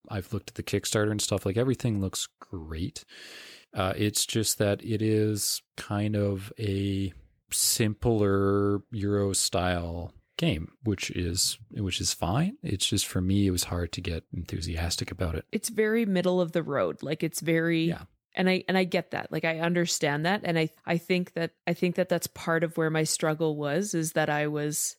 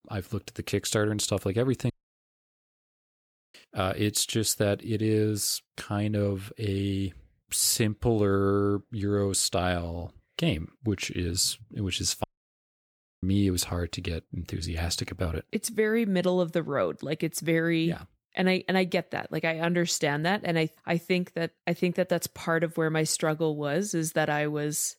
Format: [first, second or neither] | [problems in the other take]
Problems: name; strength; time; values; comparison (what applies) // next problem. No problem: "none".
first | audio cutting out; at 2 s for 1.5 s and at 12 s for 1 s